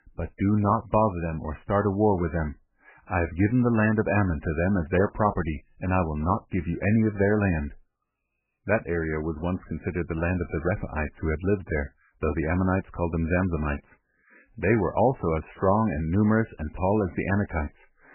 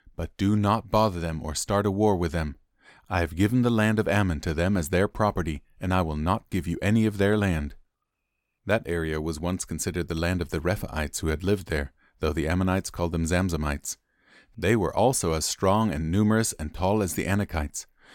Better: second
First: garbled, watery; badly; nothing above 2.5 kHz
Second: none

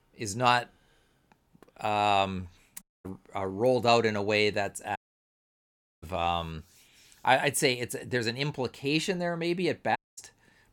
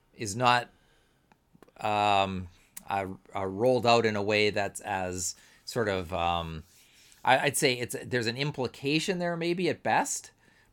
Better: second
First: audio cutting out; at 3 s, at 5 s for 1 s and at 10 s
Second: none

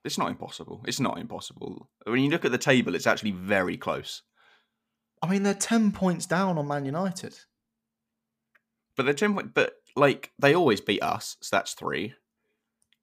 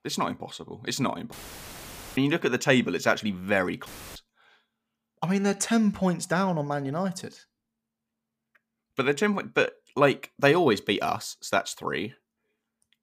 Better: first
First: none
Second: audio cutting out; filled with static; at 1.5 s for 1 s and at 4 s

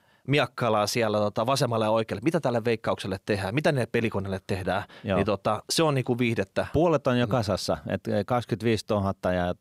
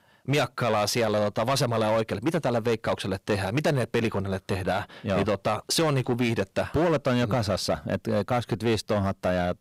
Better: first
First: none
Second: distortion; slight; 10% of the sound clipped

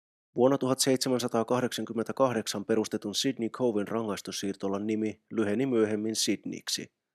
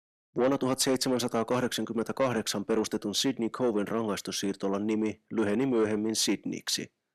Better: first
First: none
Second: distortion; slight; 10 dB below the speech

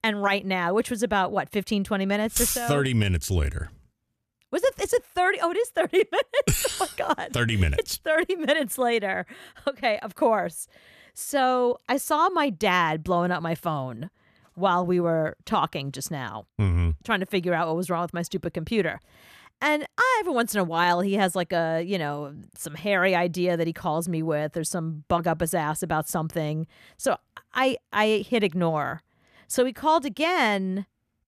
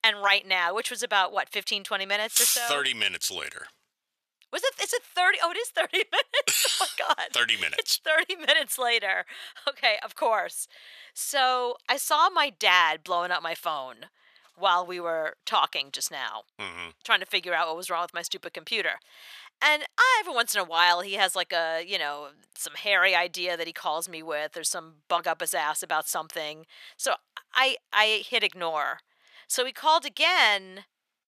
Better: first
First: none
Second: thin; very; fading below 750 Hz

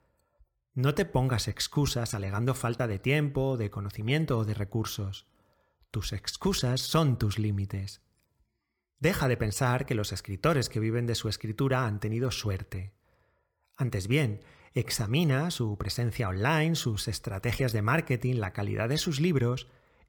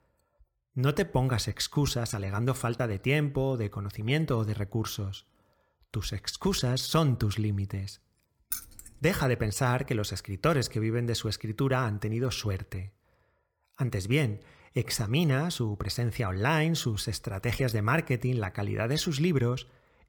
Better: first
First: none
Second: jangling keys; noticeable; at 8.5 s; peak 6 dB below the speech

